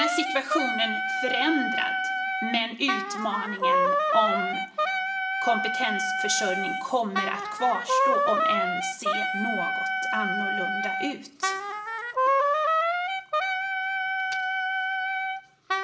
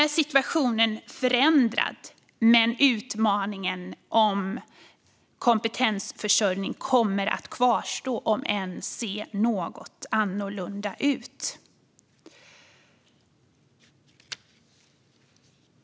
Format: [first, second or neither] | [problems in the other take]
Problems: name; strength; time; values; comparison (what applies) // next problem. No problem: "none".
second | background sound (Wind instrument, woodwind instrument); 5 dB above the speech // room echo; dies away in 1.4 s